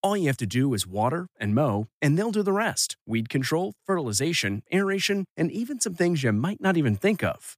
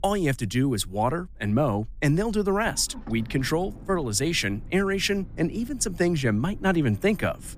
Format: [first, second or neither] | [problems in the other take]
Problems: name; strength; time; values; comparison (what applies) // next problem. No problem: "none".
first | low rumble; faint; throughout; 25 dB below the speech